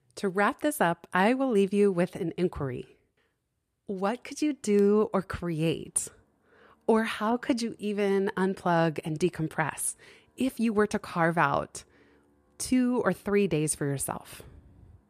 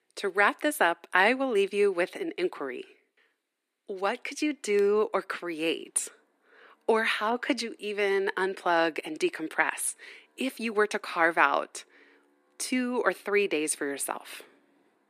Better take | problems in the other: first | thin; somewhat; fading below 250 Hz

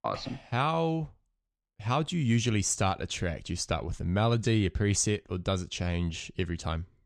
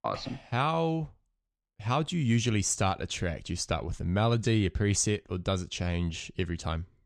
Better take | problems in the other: neither | none

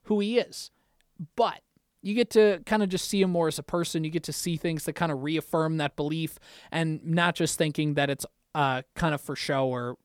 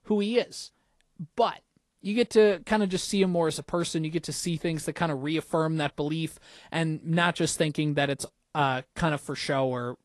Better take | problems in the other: first | garbled, watery; slightly; nothing above 11 kHz

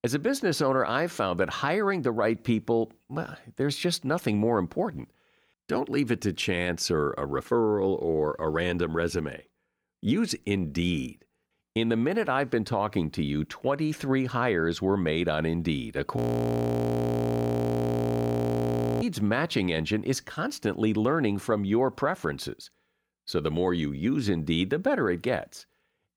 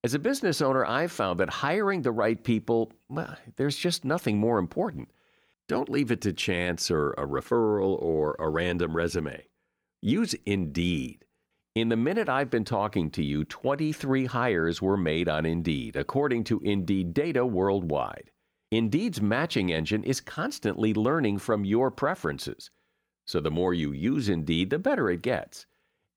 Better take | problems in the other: second | audio freezing; at 16 s for 3 s

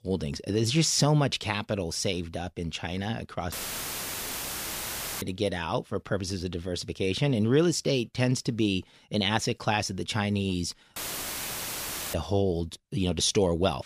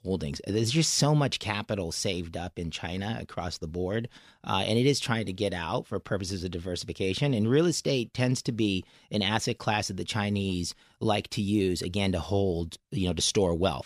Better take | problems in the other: second | audio cutting out; filled with static; at 3.5 s for 1.5 s and at 11 s for 1 s

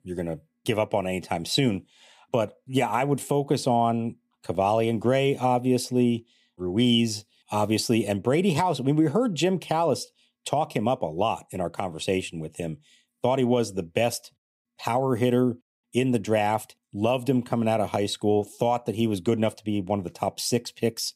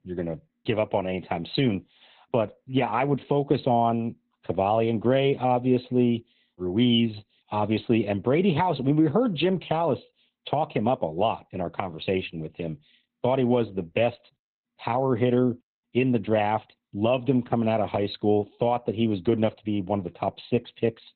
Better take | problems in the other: first | garbled, watery; badly; nothing above 4 kHz

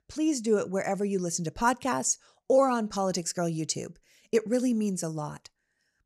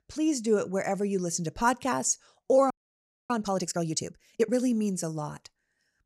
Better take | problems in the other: first | audio freezing; at 2.5 s for 0.5 s

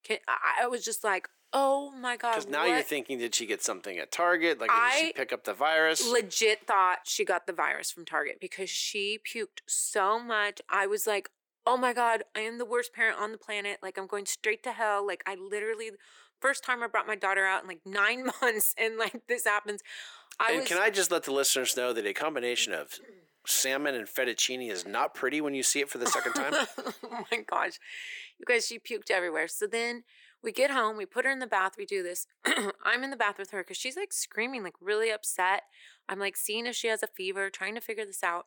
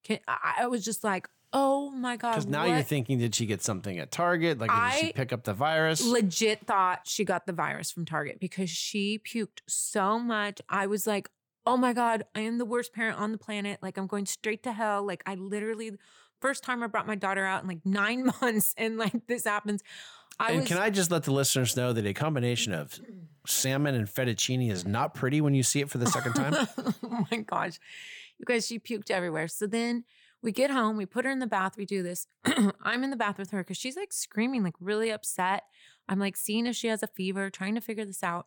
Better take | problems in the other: second | thin; somewhat; fading below 350 Hz

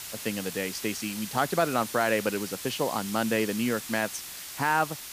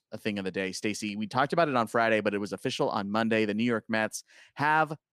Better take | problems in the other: second | hiss; loud; throughout; 8 dB below the speech

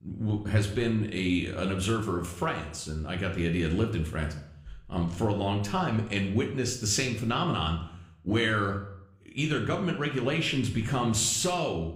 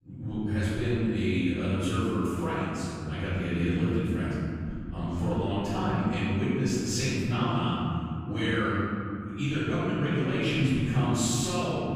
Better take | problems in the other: first | room echo; strong; dies away in 3 s; slight in the first // off-mic speech; far

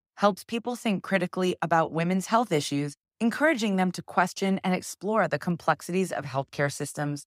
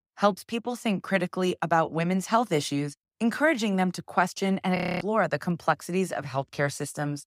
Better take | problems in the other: first | audio freezing; at 5 s

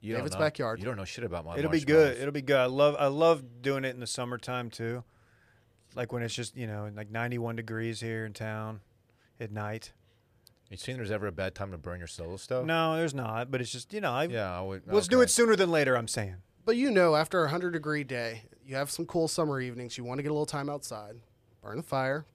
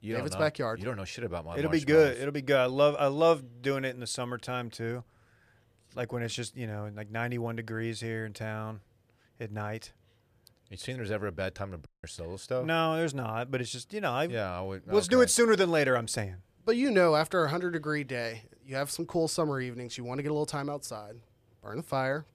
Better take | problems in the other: first | audio cutting out; at 12 s

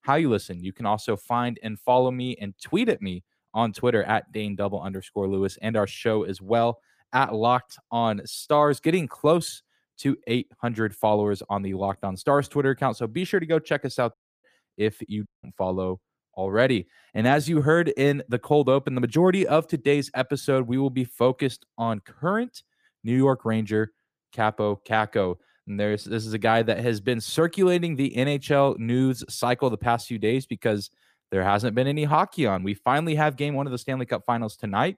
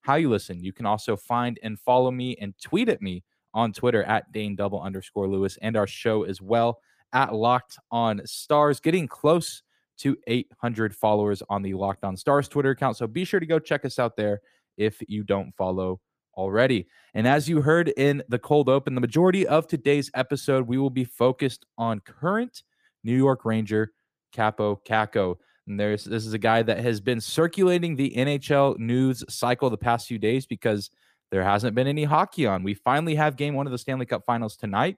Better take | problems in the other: second | audio cutting out; at 14 s and at 15 s

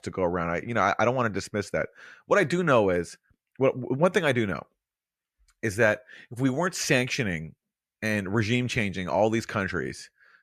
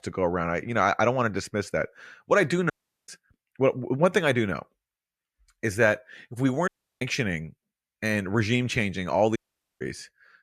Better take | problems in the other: first | audio cutting out; at 2.5 s, at 6.5 s and at 9.5 s

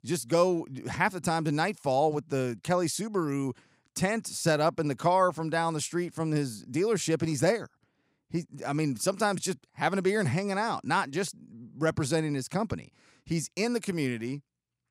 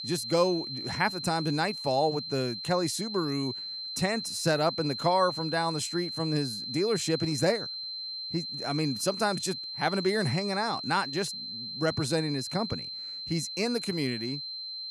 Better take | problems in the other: first | high-pitched whine; loud; throughout; 4 kHz, 5 dB below the speech

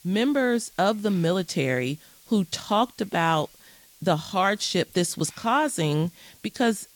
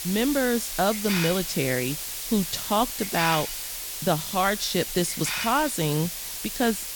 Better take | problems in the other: first | hiss; loud; throughout; 4 dB below the speech; faint in the first

